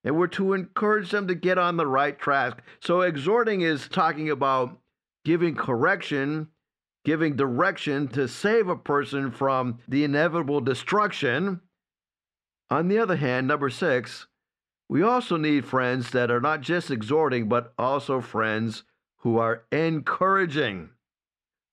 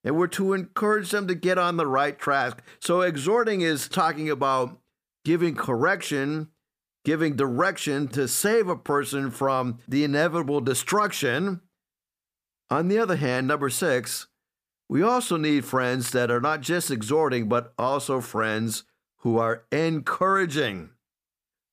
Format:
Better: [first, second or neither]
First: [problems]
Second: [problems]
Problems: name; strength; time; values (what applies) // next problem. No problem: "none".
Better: second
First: muffled; slightly; fading above 3 kHz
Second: none